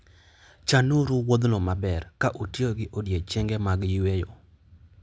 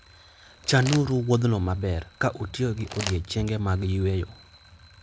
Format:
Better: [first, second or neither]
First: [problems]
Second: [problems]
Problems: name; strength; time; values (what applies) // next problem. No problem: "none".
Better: first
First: none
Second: background sound (Alarm + Crumpling, crinkling); 16 dB below the speech